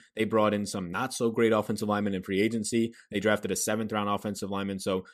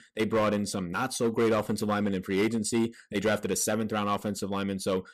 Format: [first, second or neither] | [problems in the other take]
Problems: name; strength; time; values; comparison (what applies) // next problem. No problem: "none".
first | distortion; slight; 6% of the sound clipped